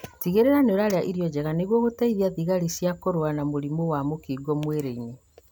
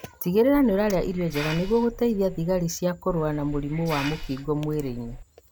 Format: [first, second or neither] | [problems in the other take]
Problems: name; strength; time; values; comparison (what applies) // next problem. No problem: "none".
first | background sound (Hiss); 12 dB below the speech